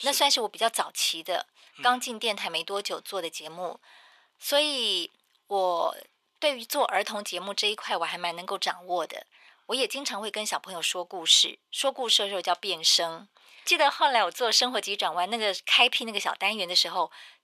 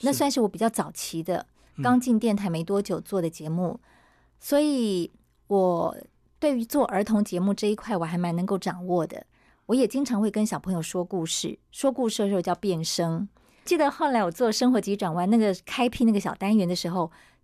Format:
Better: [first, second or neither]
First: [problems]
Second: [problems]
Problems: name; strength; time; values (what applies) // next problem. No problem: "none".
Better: second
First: thin; very; fading below 800 Hz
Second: none